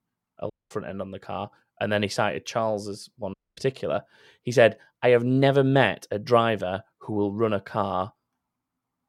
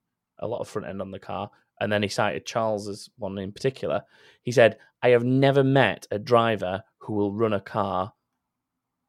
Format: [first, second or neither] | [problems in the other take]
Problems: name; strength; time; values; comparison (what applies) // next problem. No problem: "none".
second | audio cutting out; at 0.5 s and at 3.5 s